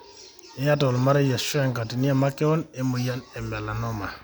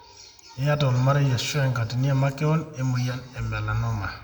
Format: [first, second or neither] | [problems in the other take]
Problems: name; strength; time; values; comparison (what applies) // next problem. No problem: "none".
first | room echo; dies away in 1.2 s